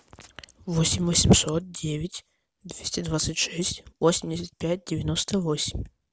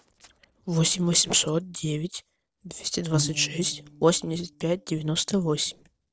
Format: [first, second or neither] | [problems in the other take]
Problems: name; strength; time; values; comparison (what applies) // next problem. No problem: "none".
first | noise reduction (neural separator model SepFormer DNS4)